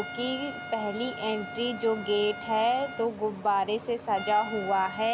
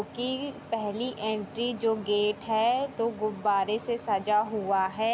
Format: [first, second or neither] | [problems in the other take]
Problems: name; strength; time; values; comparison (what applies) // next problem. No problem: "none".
second | background sound (Trumpet); 12 dB below the speech